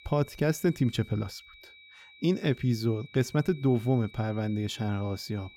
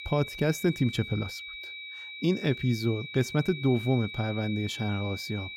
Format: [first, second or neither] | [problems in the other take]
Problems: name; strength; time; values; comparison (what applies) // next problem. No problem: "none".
first | high-pitched whine; loud; throughout; 2.5 kHz, 10 dB below the speech; faint in the first